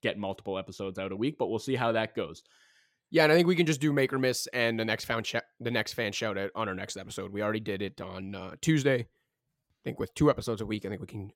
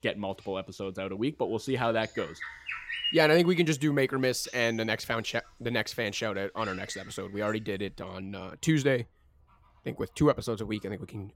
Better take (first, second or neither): first